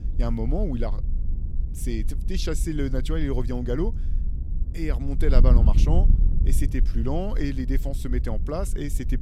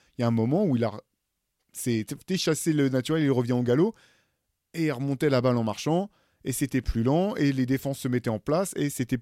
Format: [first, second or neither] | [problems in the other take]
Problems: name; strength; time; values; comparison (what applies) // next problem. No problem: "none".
second | wind noise on the microphone; occasional gusts; 10 dB below the speech